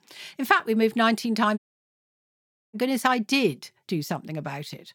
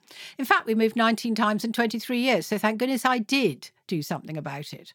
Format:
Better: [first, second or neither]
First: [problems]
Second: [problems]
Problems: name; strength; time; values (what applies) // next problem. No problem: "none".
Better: second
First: audio cutting out; at 1.5 s for 1 s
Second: none